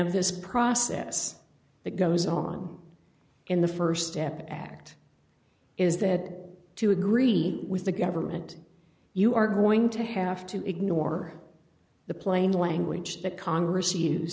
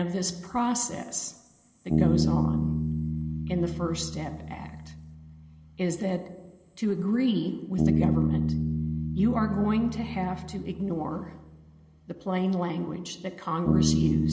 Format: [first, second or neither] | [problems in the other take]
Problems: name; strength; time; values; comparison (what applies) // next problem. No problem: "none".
first | background sound (Bass guitar); as loud as the speech // room echo; dies away in 1.3 s